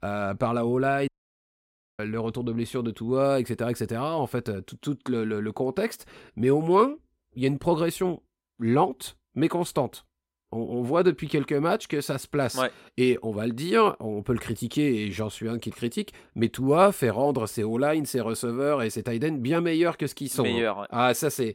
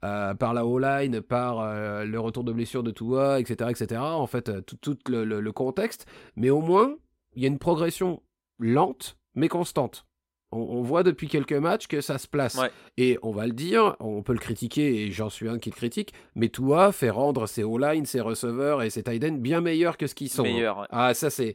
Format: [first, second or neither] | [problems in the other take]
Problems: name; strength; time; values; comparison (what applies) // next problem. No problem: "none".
second | audio cutting out; at 1 s for 1 s